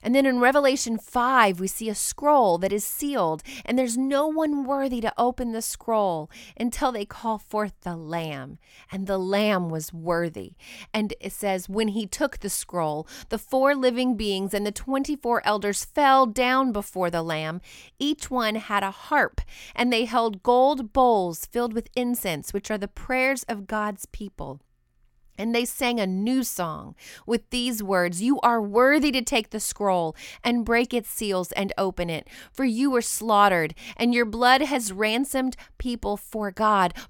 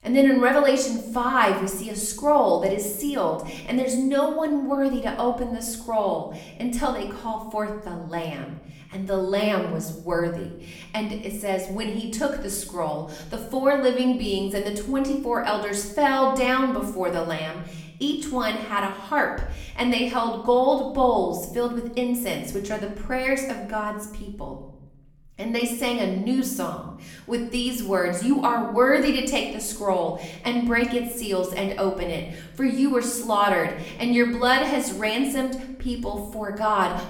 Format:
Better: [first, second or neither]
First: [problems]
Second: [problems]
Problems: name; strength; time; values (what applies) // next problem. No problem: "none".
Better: first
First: none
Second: room echo; slight; dies away in 0.7 s // off-mic speech; far